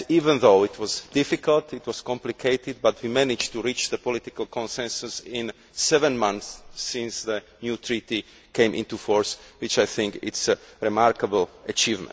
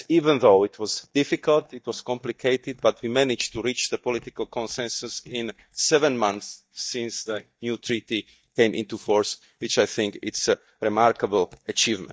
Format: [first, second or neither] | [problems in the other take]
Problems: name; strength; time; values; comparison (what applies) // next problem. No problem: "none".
first | noise reduction (neural mask model DeepFilterNet 3)